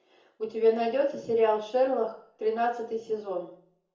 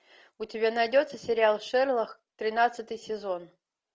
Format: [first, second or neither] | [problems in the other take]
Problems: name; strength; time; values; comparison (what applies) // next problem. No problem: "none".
second | room echo; dies away in 0.6 s